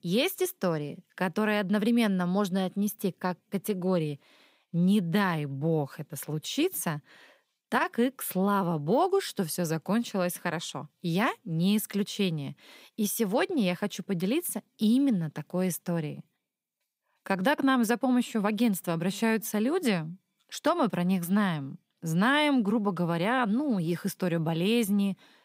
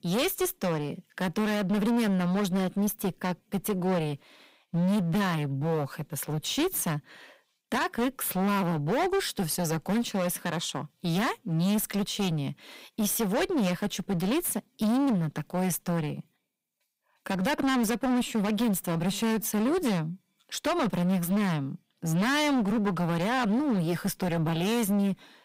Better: first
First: none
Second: distortion; heavy; 22% of the sound clipped

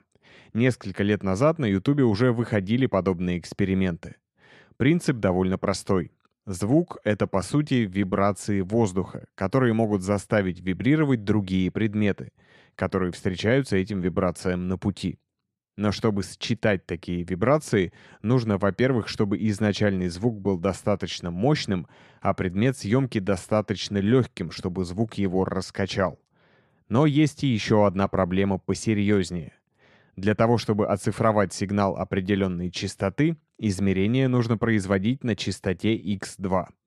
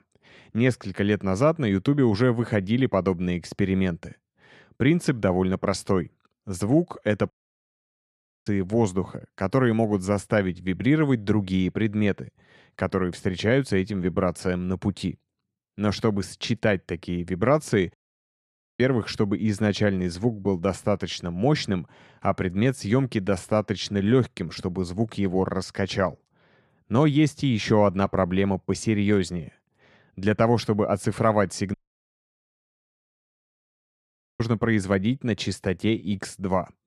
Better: first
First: none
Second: audio cutting out; at 7.5 s for 1 s, at 18 s for 1 s and at 32 s for 2.5 s

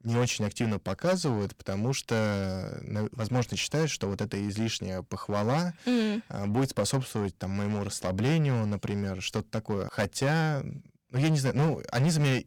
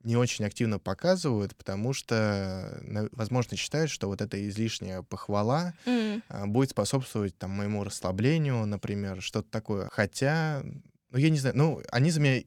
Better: second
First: distortion; slight; 9% of the sound clipped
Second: none

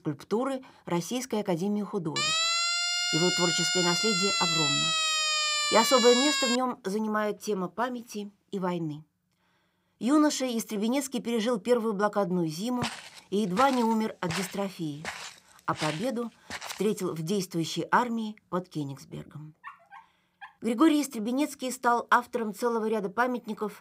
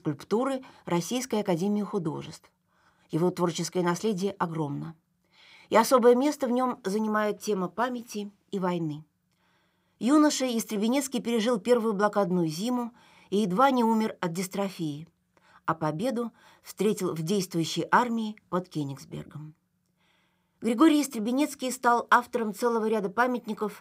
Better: second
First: siren; loud; from 2 to 6.5 s; peak 5 dB above the speech // footsteps; noticeable; from 13 to 17 s; peak 7 dB below the speech // dog barking; faint; at 20 s; peak 20 dB below the speech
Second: none

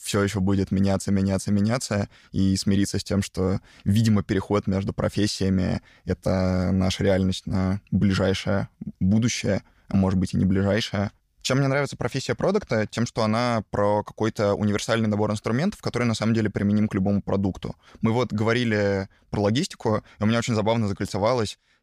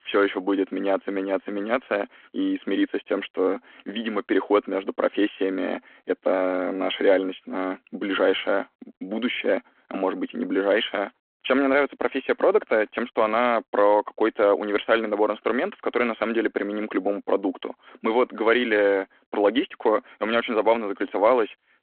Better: first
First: none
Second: phone-call audio

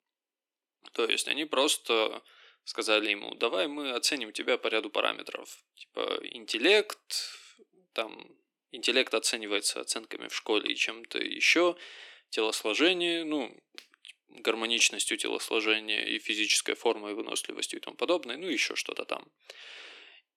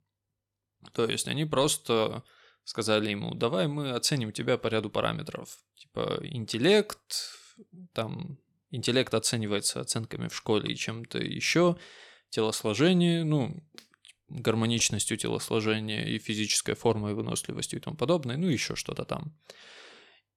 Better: second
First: thin; somewhat; fading below 300 Hz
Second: none

